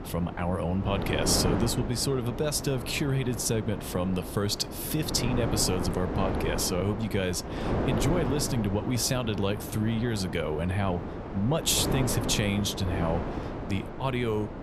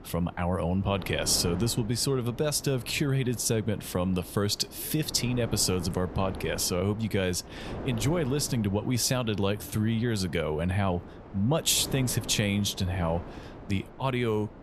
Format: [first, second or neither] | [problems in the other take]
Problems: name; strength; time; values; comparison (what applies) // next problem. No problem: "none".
second | wind noise on the microphone; heavy; 5 dB below the speech; occasional gusts in the second